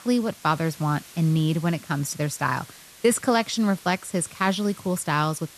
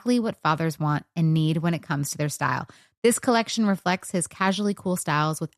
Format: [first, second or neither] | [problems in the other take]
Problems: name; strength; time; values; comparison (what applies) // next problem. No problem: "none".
second | hiss; noticeable; throughout; 20 dB below the speech